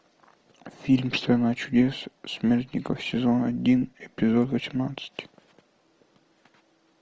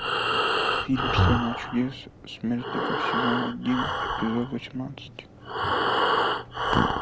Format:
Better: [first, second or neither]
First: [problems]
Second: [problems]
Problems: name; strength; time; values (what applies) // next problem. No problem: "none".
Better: first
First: none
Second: background sound (Breathing); 5 dB above the speech